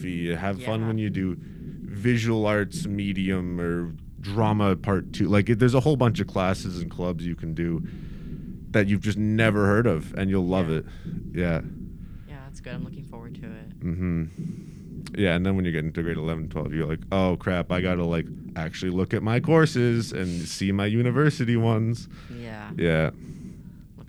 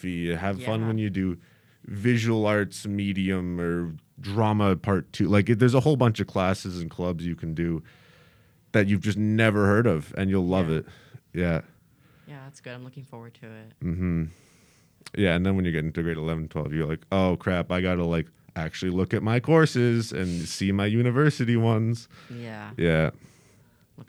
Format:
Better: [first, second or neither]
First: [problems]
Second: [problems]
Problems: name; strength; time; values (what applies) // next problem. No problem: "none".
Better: second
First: low rumble; faint; throughout; 20 dB below the speech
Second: none